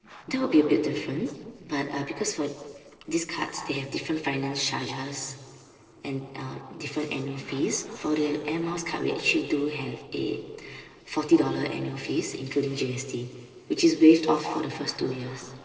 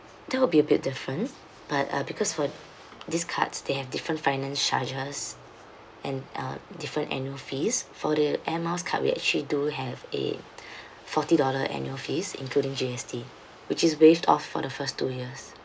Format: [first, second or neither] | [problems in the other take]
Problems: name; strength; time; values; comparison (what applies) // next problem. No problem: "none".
second | noise reduction (neural separator model SepFormer DNS4)